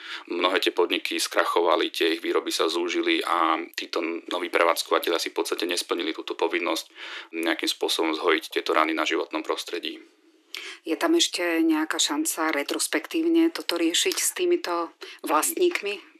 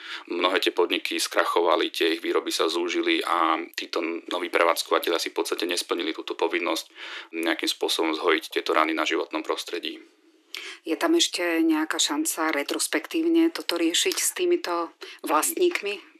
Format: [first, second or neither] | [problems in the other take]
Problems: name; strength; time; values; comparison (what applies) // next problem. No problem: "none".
neither | thin; very; fading below 300 Hz; the same in both